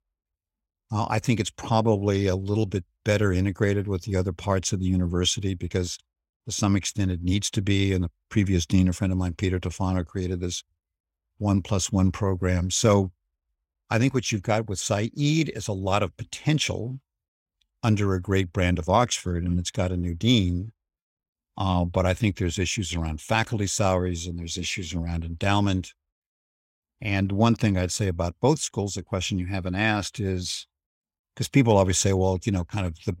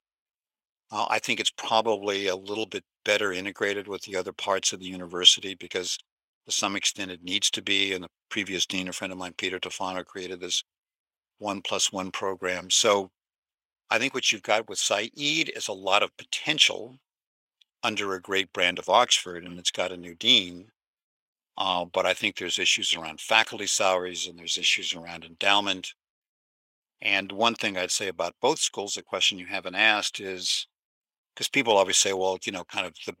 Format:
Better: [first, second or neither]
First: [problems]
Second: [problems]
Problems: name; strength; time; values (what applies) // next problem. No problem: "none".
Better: first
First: none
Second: thin; very; fading below 500 Hz